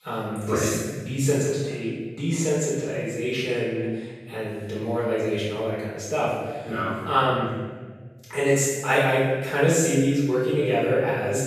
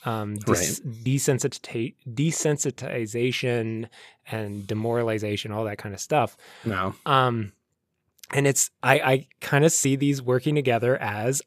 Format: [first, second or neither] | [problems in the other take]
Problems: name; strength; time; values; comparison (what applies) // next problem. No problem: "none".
second | room echo; strong; dies away in 1.3 s // off-mic speech; far